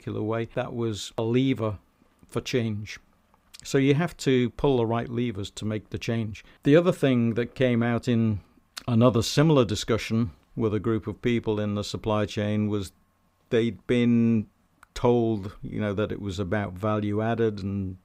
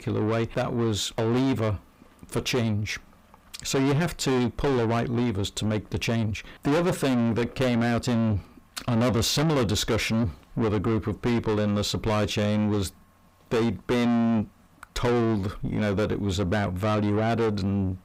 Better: first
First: none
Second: distortion; heavy; 6 dB below the speech

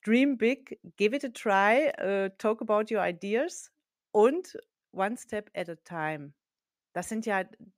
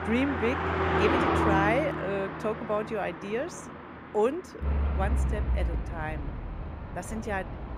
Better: first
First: none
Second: traffic noise; very loud; throughout; 1 dB above the speech

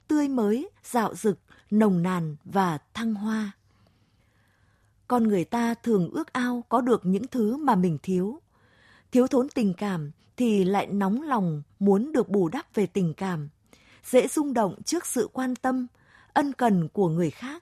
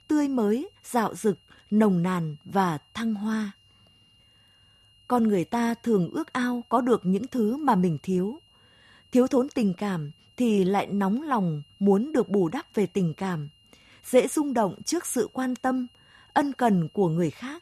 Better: first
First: none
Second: high-pitched whine; faint; throughout; 3 kHz, 30 dB below the speech

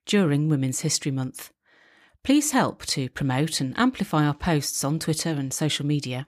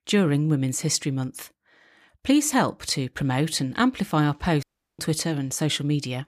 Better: first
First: none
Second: audio cutting out; at 4.5 s

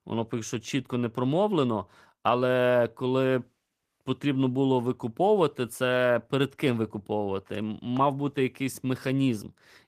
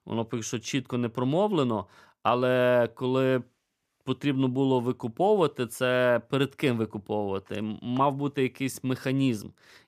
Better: second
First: garbled, watery; slightly; nothing above 14.5 kHz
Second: none

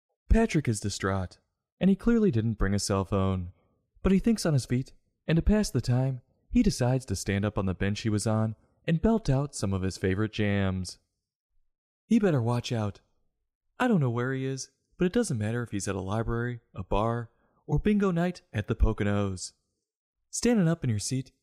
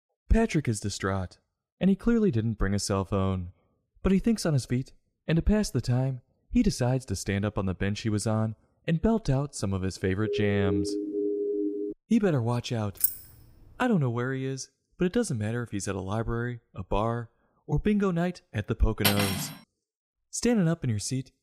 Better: first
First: none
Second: siren; noticeable; from 10 to 12 s; peak 1 dB below the speech // jangling keys; loud; at 13 s; peak 2 dB above the speech // clattering dishes; loud; at 19 s; peak 2 dB above the speech

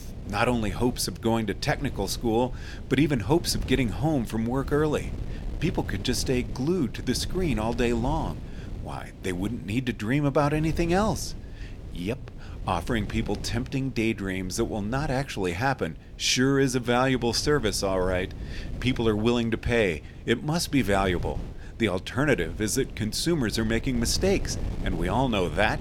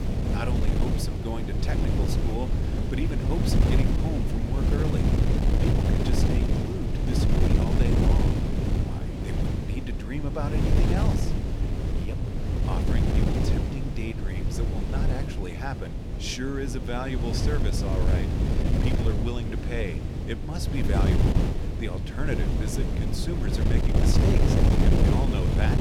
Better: first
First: wind noise on the microphone; occasional gusts; 20 dB below the speech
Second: wind noise on the microphone; heavy; 2 dB above the speech

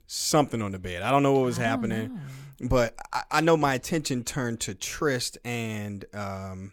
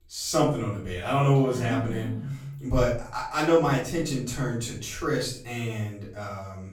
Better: first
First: none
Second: off-mic speech; far // room echo; noticeable; dies away in 0.4 s

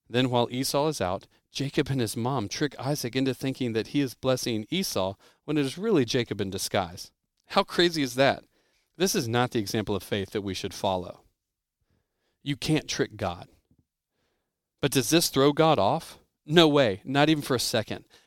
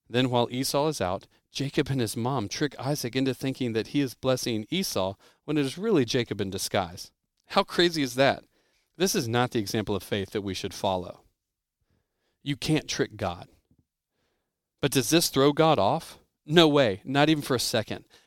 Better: neither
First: none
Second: none

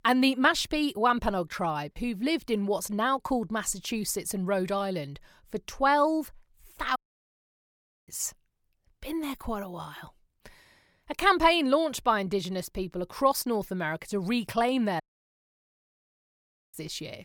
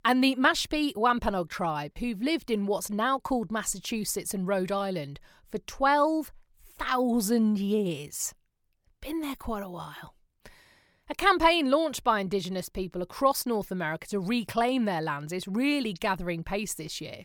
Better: second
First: audio cutting out; at 7 s for 1 s and at 15 s for 1.5 s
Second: none

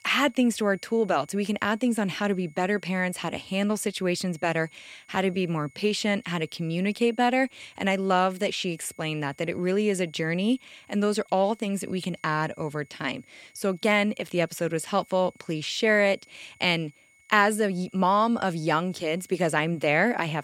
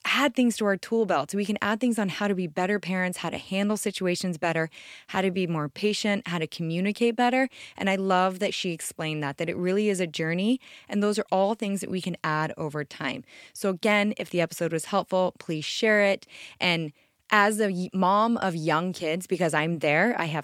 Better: second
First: high-pitched whine; faint; throughout; 2 kHz, 30 dB below the speech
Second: none

